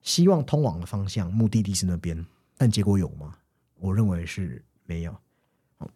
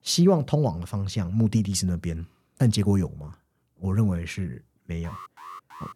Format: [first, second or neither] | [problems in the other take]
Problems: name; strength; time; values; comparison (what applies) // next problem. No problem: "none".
first | alarm; faint; at 5 s; peak 15 dB below the speech